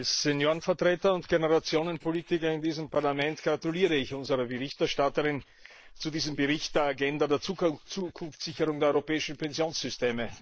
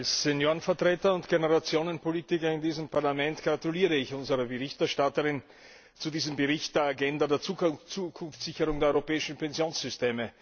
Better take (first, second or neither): second